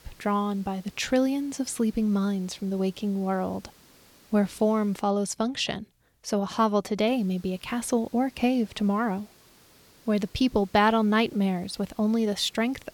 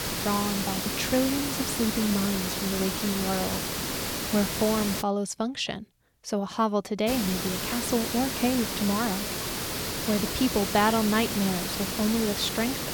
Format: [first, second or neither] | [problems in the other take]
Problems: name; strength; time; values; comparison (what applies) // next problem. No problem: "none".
first | hiss; loud; until 5 s and from 7 s on; 1 dB below the speech; faint in the first